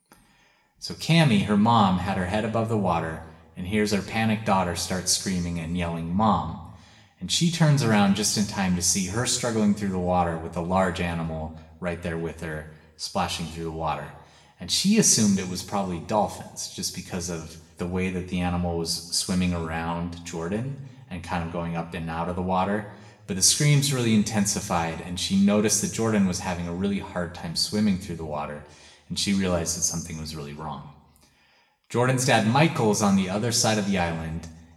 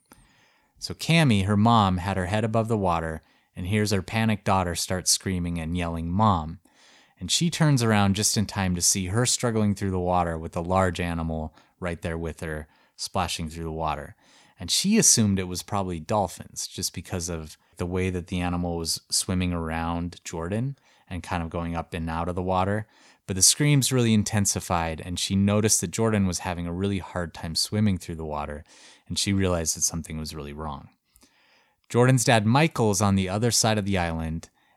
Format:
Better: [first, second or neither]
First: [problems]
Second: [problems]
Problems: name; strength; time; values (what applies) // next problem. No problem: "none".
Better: second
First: room echo; slight; dies away in 0.8 s // off-mic speech; somewhat distant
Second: none